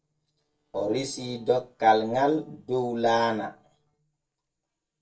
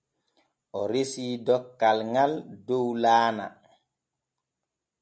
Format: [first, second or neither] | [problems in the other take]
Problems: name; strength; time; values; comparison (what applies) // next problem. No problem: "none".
second | noise reduction (neural separator model SepFormer DNS4)